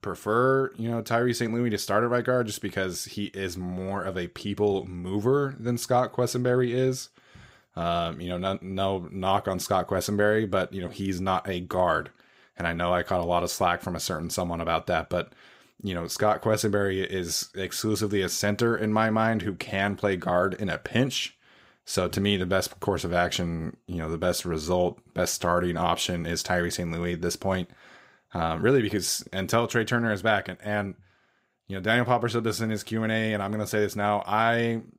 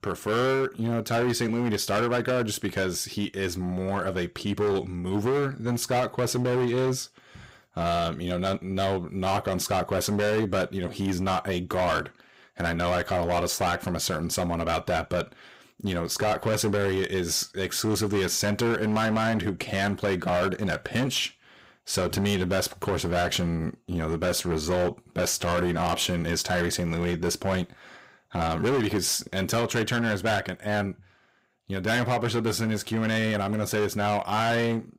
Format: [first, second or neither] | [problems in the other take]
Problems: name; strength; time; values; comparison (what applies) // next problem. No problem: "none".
first | distortion; heavy; 14% of the sound clipped